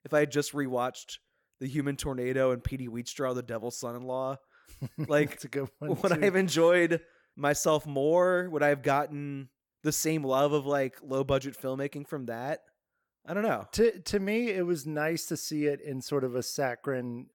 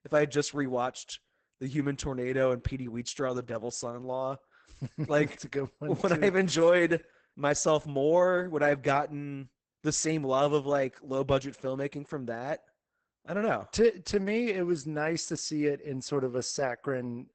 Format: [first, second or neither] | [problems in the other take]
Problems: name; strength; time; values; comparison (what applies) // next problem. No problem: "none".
first | garbled, watery; badly; nothing above 8 kHz